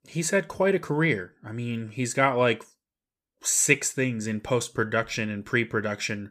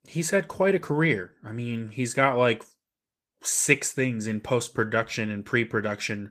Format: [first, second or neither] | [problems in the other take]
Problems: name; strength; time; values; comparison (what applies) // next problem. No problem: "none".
first | garbled, watery; slightly; nothing above 14.5 kHz